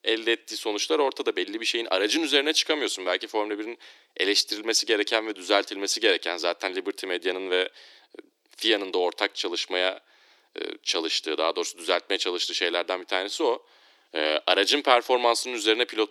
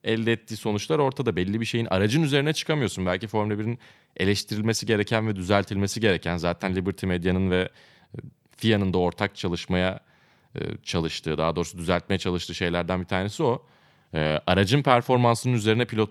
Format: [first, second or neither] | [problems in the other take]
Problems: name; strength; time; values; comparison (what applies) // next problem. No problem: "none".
second | thin; very; fading below 300 Hz